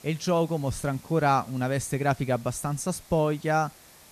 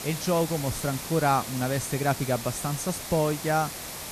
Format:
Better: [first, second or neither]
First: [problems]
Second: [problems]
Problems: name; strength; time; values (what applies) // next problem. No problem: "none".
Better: first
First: hiss; faint; throughout; 25 dB below the speech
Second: hiss; loud; throughout; 7 dB below the speech